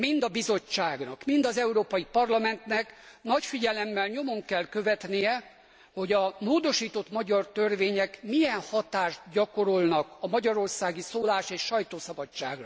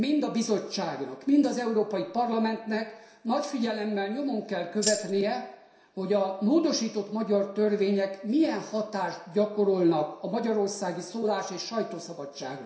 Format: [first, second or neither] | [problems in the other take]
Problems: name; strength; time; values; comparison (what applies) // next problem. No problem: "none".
first | background sound (Tambourine); 5 dB below the speech // room echo; dies away in 0.7 s